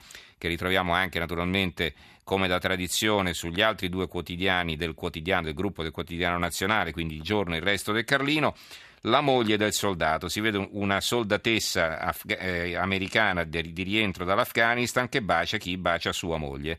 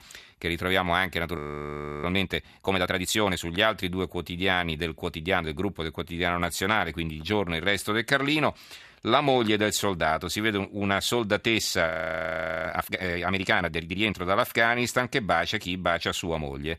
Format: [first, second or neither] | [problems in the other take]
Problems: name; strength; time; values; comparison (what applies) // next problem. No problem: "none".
first | audio freezing; at 1.5 s for 0.5 s and at 12 s for 1 s